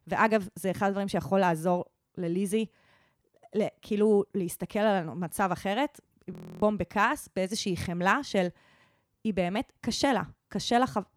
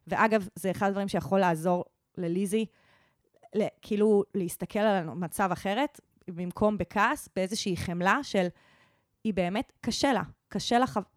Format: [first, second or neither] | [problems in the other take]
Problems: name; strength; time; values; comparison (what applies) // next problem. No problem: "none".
second | audio freezing; at 6.5 s